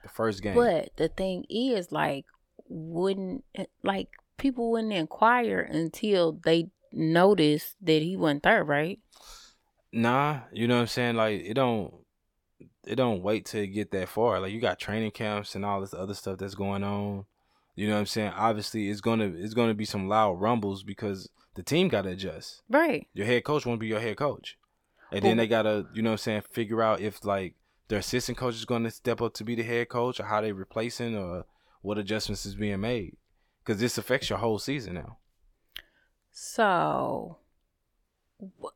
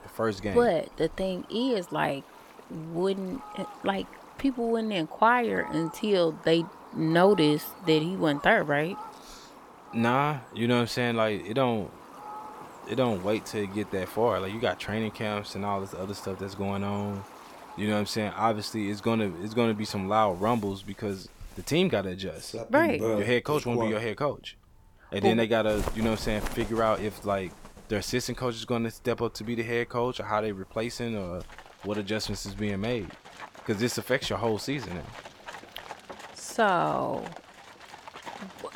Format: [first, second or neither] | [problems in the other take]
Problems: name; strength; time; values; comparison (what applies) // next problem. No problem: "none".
first | animal sounds; noticeable; throughout; 15 dB below the speech